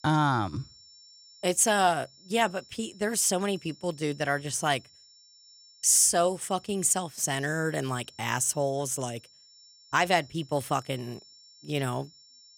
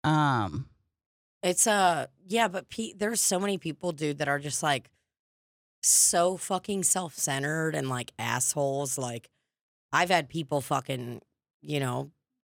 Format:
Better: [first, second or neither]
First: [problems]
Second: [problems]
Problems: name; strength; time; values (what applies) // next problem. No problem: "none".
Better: second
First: high-pitched whine; faint; throughout; 5.5 kHz, 25 dB below the speech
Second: none